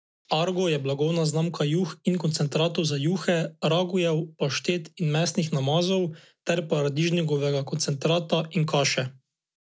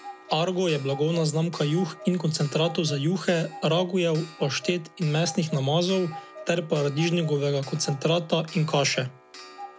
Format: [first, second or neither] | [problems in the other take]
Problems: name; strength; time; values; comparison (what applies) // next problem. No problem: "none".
first | background sound (Clock); 17 dB below the speech